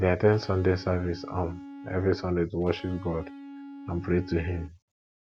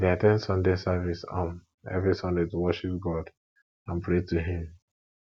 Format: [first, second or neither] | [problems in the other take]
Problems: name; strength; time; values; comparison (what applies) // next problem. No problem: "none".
second | background sound (Electric guitar); 15 dB below the speech